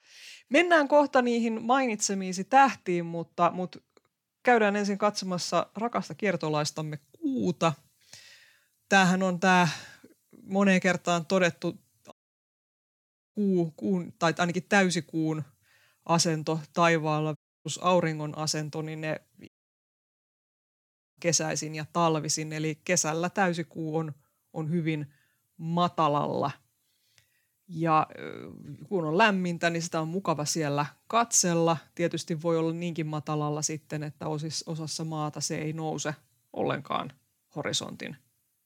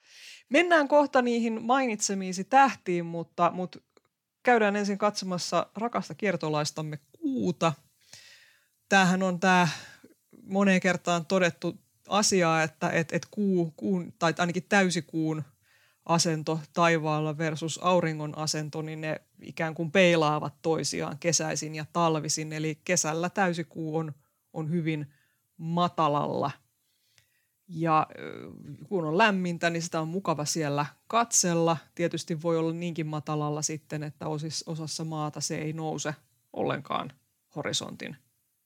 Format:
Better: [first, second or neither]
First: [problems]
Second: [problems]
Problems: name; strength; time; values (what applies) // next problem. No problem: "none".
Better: second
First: audio cutting out; at 12 s for 1 s, at 17 s and at 19 s for 1.5 s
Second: none